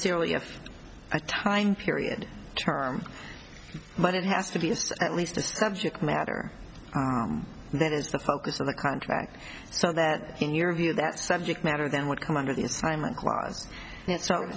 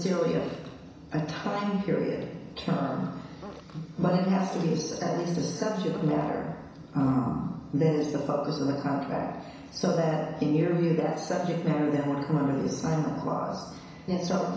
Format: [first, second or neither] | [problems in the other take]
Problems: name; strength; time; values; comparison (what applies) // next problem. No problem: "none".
first | background sound (Fart); 20 dB below the speech // room echo; dies away in 1 s